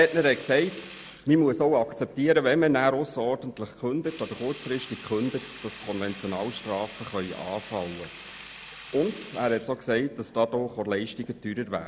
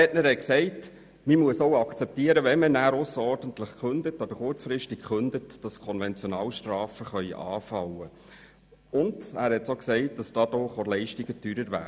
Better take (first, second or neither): second